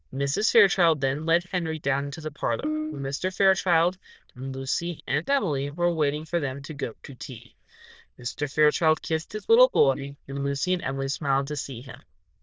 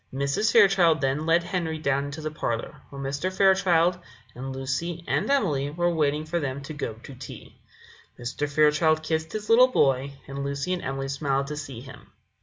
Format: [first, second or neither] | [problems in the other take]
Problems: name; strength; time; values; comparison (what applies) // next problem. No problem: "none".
second | noise reduction (neural diffusion model UNIVERSE++)